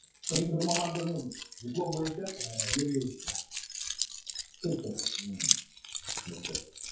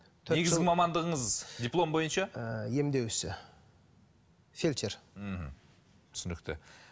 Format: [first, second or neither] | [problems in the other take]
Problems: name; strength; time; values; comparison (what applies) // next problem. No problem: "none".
second | noise reduction (classical method WPE with log-MMSE)